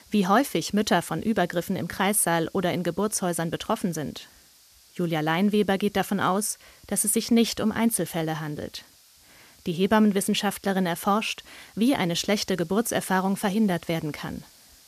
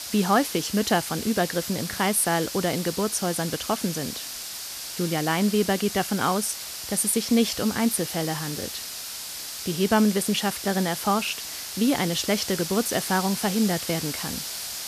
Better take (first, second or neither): first